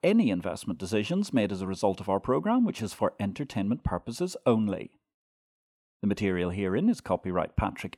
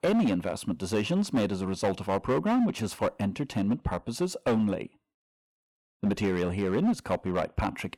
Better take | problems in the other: first | distortion; slight; 9% of the sound clipped

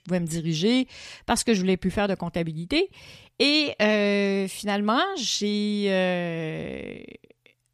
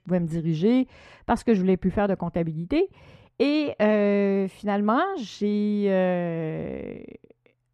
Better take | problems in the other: first | muffled; very; fading above 2.5 kHz

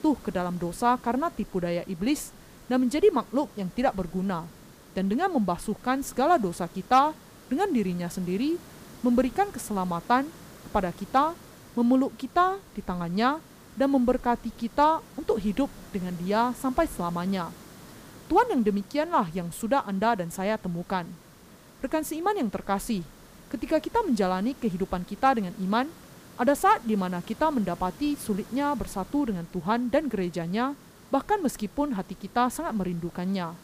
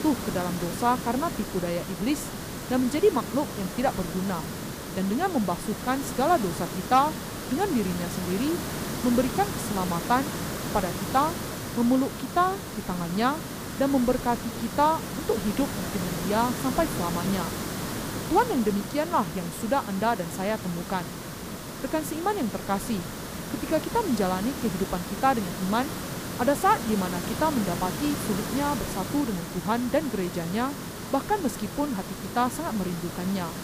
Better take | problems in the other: first | hiss; loud; throughout; 6 dB below the speech; faint in the first

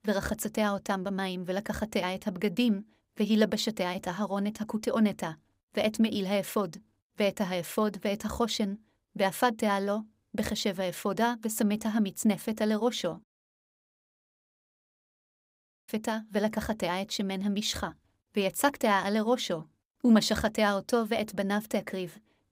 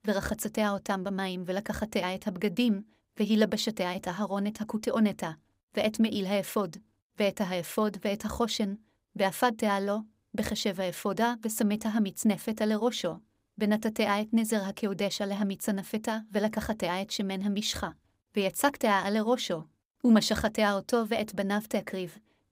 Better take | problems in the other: second | audio cutting out; at 13 s for 2.5 s

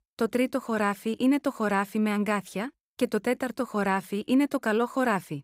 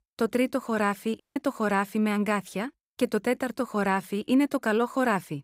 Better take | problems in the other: first | audio cutting out; at 1 s

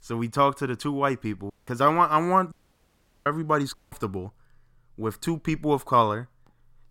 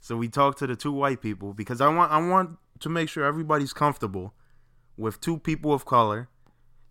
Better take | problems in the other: second | audio cutting out; at 1.5 s, at 2.5 s for 0.5 s and at 3.5 s

